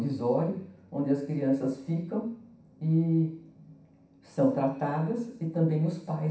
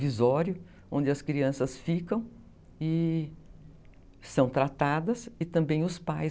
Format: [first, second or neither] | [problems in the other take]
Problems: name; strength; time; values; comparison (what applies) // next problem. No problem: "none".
second | room echo; dies away in 0.7 s